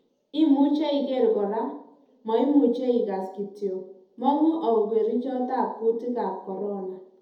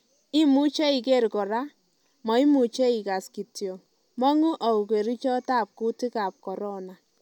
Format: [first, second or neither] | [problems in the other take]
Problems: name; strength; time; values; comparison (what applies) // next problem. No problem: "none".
second | room echo; dies away in 0.7 s